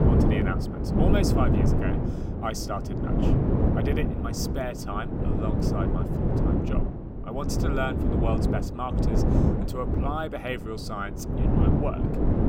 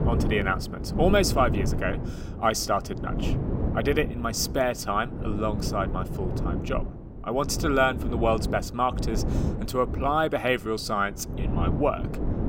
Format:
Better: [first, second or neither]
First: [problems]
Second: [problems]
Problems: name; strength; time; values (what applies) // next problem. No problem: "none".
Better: second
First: wind noise on the microphone; heavy; 1 dB above the speech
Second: wind noise on the microphone; occasional gusts; 10 dB below the speech